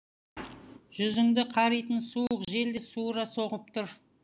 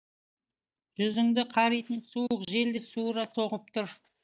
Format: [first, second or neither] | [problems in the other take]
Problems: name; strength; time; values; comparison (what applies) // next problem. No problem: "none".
first | noise reduction (neural mask model DeepFilterNet 3)